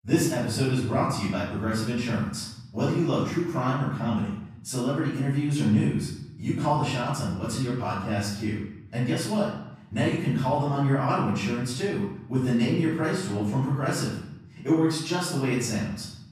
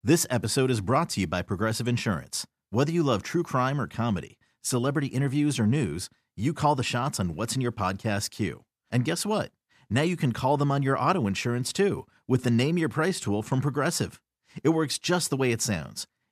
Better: second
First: off-mic speech; far // room echo; noticeable; dies away in 0.8 s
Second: none

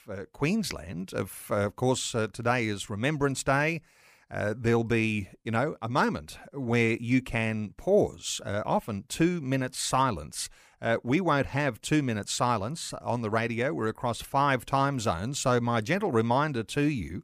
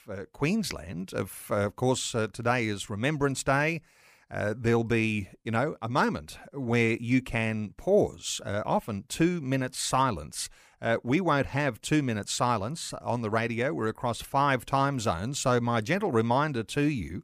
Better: neither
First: none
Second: none

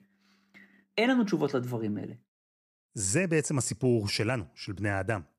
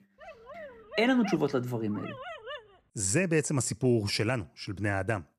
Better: first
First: none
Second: dog barking; faint; until 2.5 s; peak 10 dB below the speech

